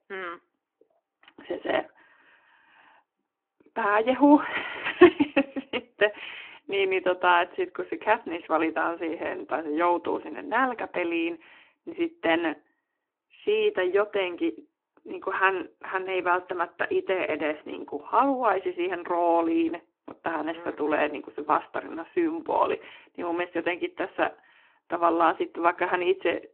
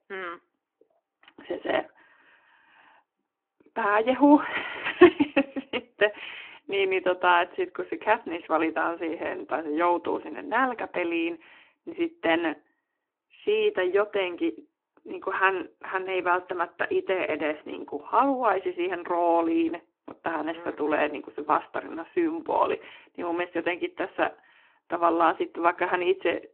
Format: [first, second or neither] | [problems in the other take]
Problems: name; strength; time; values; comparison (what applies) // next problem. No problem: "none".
neither | phone-call audio; the same in both